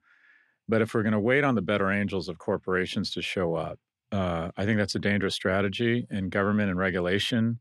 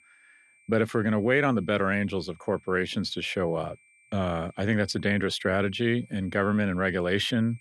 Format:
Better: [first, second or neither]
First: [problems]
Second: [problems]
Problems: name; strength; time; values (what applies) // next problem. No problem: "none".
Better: first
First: none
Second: high-pitched whine; faint; throughout; 2.5 kHz, 30 dB below the speech